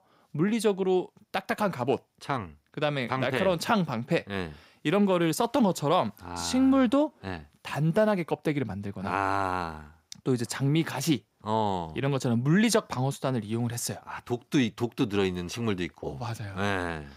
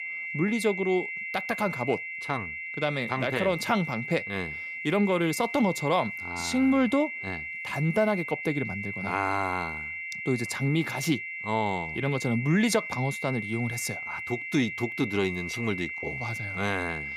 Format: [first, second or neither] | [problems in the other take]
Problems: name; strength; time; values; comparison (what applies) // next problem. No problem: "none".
first | high-pitched whine; loud; throughout; 2 kHz, 5 dB below the speech